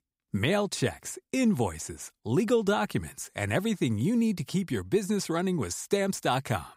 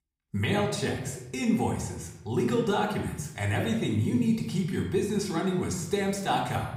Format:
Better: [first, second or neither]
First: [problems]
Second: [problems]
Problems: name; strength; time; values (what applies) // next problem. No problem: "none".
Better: first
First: none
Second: room echo; noticeable; dies away in 0.8 s // off-mic speech; somewhat distant